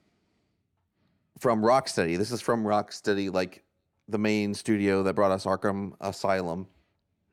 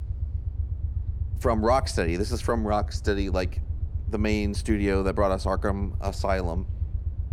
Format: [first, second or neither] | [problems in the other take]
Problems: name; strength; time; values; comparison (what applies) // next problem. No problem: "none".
first | low rumble; faint; throughout; 20 dB below the speech